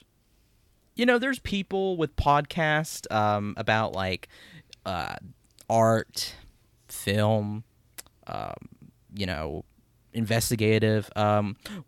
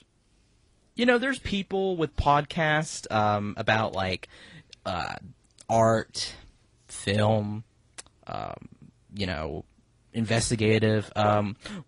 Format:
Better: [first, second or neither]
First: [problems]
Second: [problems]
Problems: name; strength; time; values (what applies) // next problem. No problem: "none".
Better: first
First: none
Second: garbled, watery; slightly; nothing above 10.5 kHz